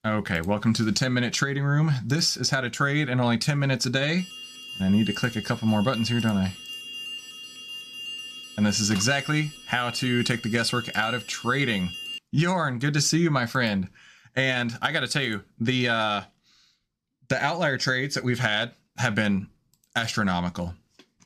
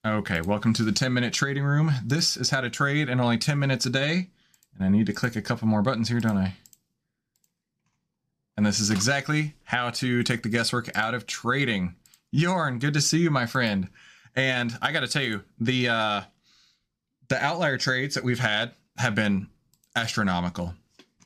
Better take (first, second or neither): second